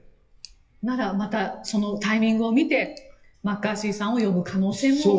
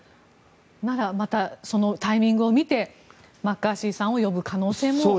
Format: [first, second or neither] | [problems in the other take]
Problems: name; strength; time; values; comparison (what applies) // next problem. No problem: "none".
second | noise reduction (classical method WPE with log-MMSE)